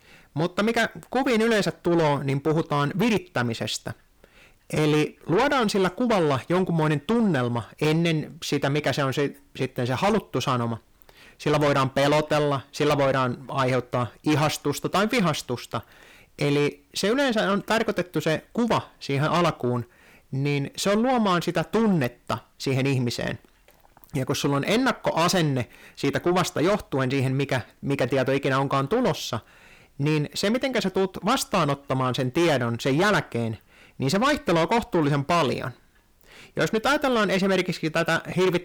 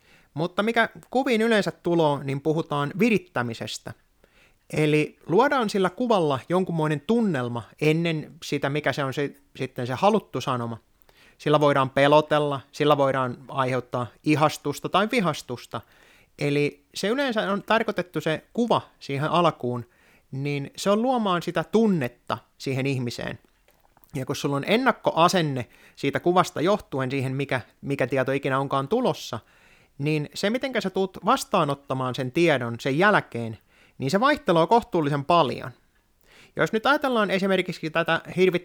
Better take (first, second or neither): second